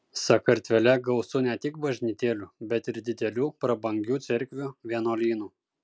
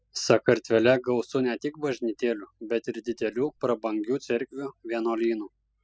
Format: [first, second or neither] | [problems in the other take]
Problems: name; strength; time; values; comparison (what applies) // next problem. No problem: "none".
first | noise reduction (classical method spectral subtraction)